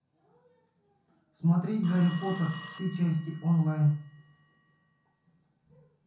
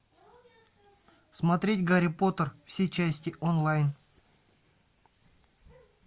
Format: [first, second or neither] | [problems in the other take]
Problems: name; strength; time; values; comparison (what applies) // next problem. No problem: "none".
second | background sound (Telephone); 19 dB below the speech // room echo; dies away in 0.6 s